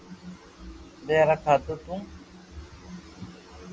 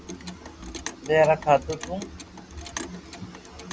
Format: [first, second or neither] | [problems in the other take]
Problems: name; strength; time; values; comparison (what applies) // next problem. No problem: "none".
first | background sound (Clock); 14 dB below the speech